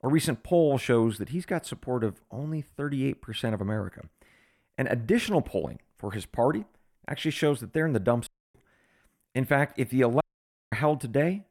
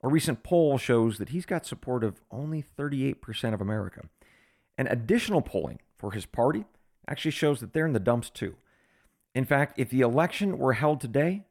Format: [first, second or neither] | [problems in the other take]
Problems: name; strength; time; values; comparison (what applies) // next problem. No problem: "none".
second | audio cutting out; at 8.5 s and at 10 s for 0.5 s